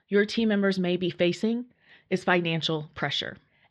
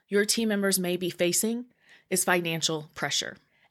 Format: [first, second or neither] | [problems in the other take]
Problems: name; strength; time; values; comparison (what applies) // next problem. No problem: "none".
second | muffled; slightly; fading above 4 kHz